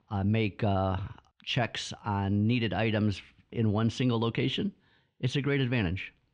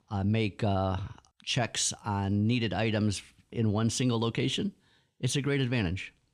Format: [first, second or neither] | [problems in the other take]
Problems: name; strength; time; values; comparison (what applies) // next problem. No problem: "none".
second | muffled; slightly; fading above 3 kHz